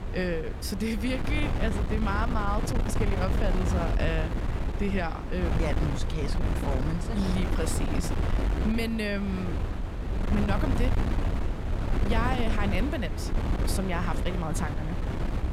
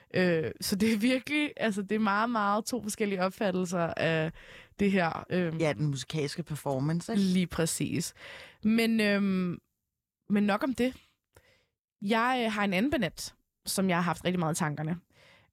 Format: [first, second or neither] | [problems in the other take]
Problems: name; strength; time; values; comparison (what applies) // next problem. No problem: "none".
second | wind noise on the microphone; heavy; 3 dB below the speech